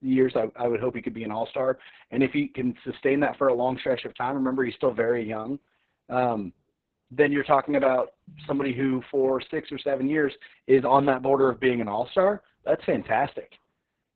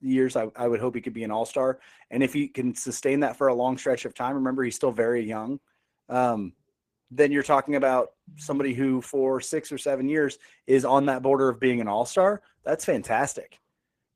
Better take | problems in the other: second | garbled, watery; badly; nothing above 4 kHz; slightly in the second

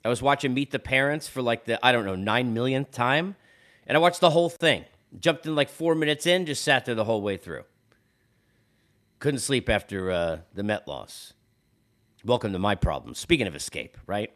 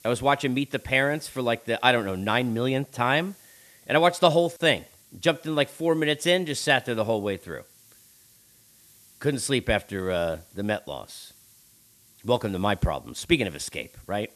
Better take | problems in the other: first | hiss; faint; throughout; 30 dB below the speech

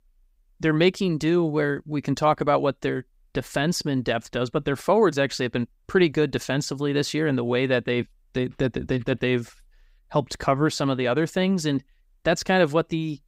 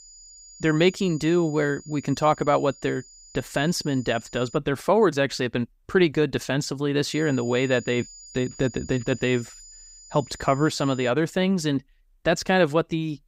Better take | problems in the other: first | high-pitched whine; noticeable; until 4.5 s and from 7 to 11 s; 7 kHz, 20 dB below the speech

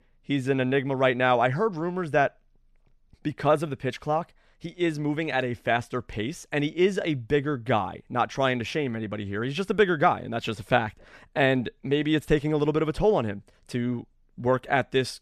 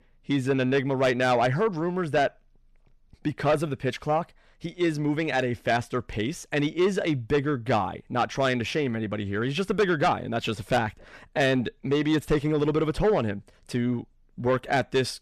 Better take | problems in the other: first | distortion; slight; 10 dB below the speech

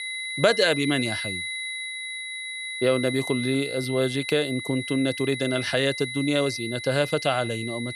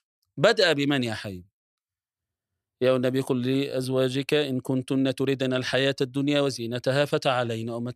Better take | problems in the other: second | high-pitched whine; loud; throughout; 2 kHz, 6 dB below the speech

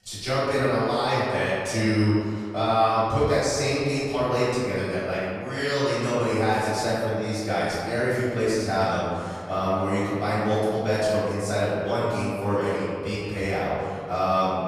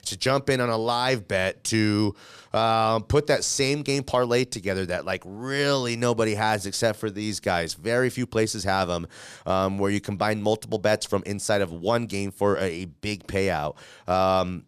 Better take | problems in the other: second | off-mic speech; far // room echo; strong; dies away in 2.1 s

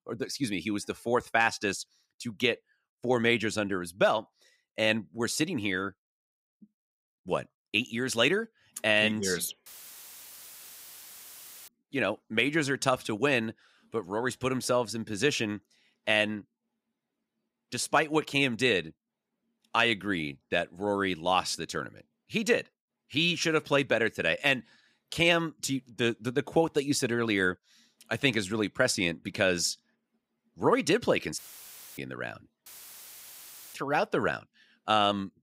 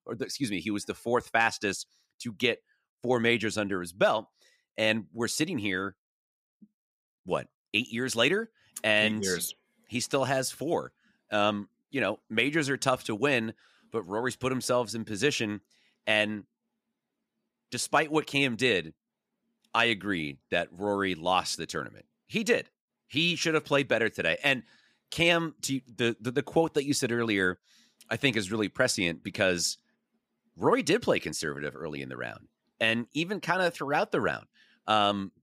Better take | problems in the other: second | audio cutting out; filled with static; at 9.5 s for 2 s, at 31 s for 0.5 s and at 33 s for 1 s

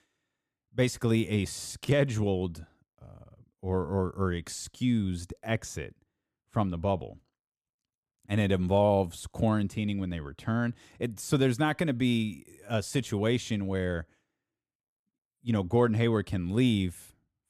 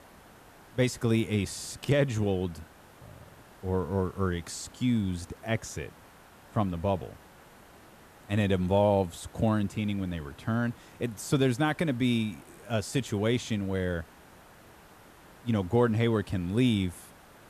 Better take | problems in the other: first | hiss; faint; throughout; 25 dB below the speech

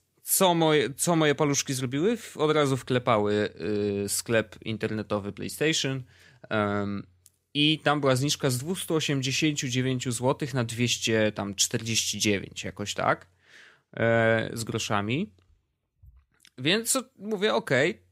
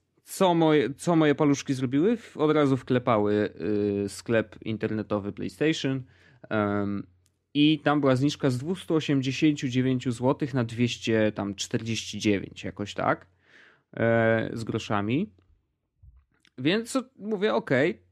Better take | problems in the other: first | muffled; slightly; fading above 2 kHz

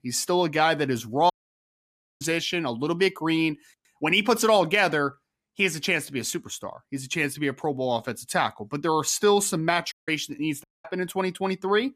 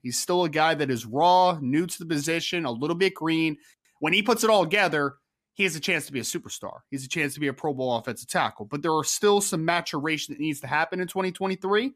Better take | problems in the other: second | audio cutting out; at 1.5 s for 1 s, at 10 s and at 11 s

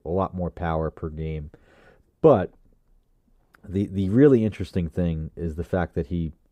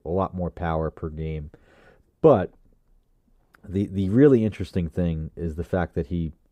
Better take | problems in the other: neither | muffled; slightly; fading above 1 kHz; the same in both

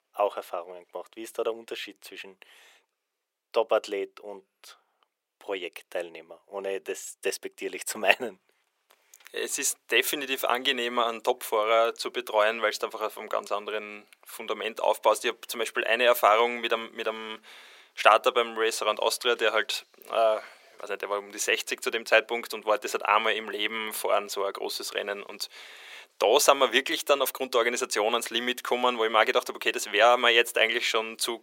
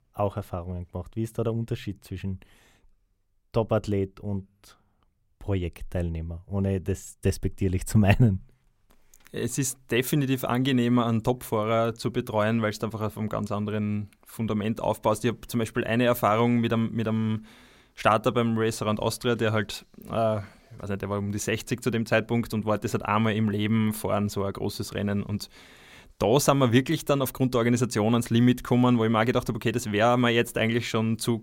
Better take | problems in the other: second | thin; very; fading below 450 Hz

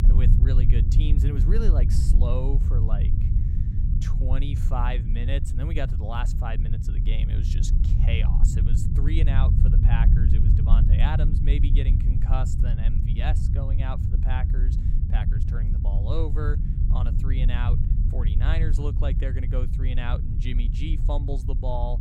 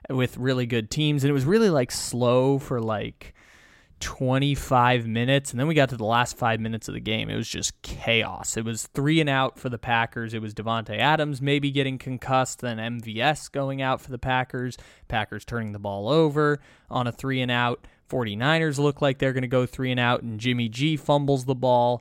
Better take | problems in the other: second | low rumble; loud; throughout; 3 dB below the speech

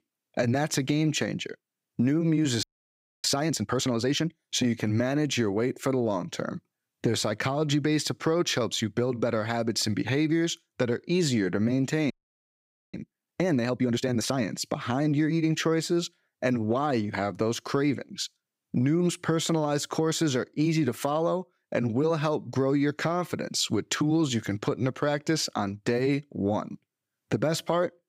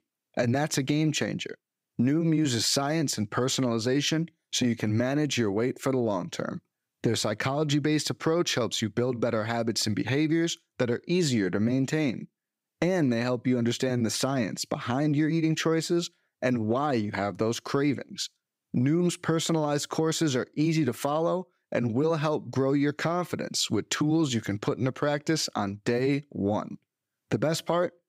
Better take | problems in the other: second | audio freezing; at 2.5 s for 0.5 s and at 12 s for 1 s

